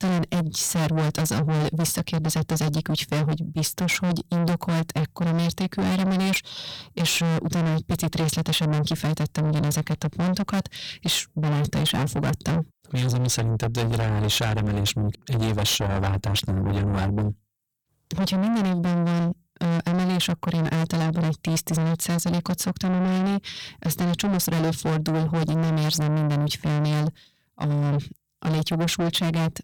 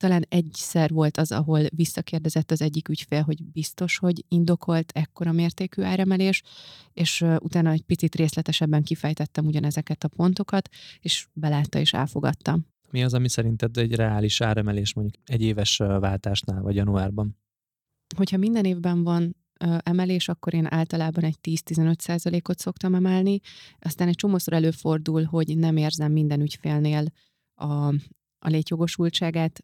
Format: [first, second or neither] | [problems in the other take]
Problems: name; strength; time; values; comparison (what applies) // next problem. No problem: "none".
second | distortion; heavy; 6 dB below the speech